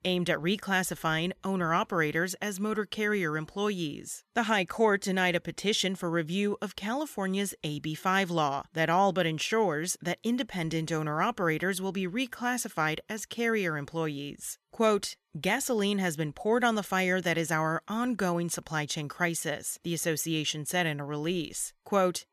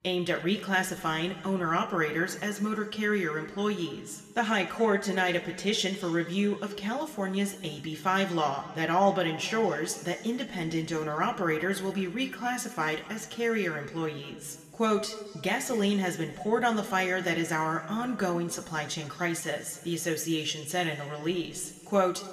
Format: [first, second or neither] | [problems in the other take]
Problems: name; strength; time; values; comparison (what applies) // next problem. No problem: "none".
first | room echo; slight; dies away in 1.6 s